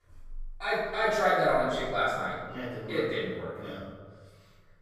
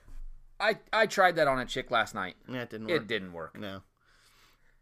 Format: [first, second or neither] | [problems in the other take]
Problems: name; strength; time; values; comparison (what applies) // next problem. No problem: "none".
second | off-mic speech; far // room echo; strong; dies away in 1.6 s